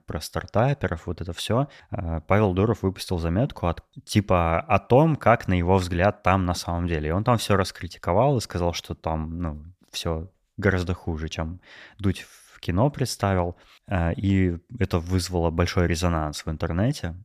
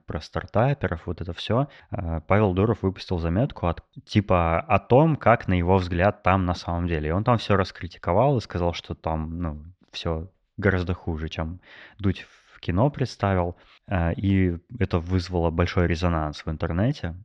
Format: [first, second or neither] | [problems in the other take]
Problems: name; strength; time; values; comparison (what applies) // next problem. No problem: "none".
first | muffled; very slightly; fading above 4 kHz